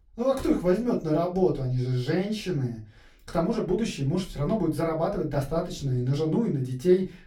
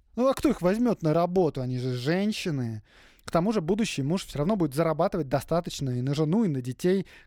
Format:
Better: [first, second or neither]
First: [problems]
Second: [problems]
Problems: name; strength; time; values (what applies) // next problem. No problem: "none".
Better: second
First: off-mic speech; far // room echo; very slight; dies away in 0.2 s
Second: none